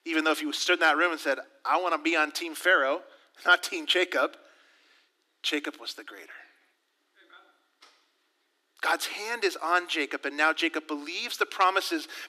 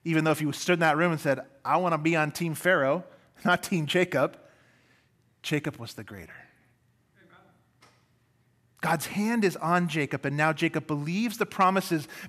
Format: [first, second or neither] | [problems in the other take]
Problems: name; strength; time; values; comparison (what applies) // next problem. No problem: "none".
second | thin; somewhat; fading below 300 Hz